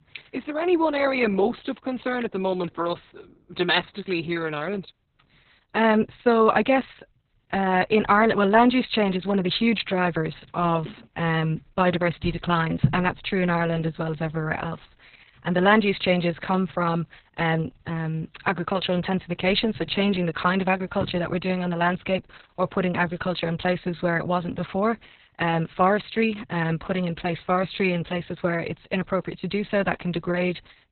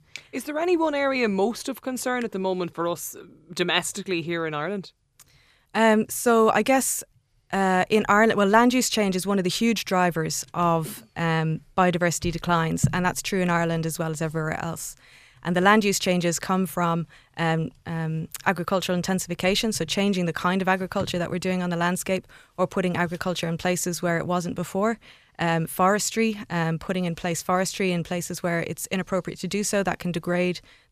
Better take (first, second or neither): second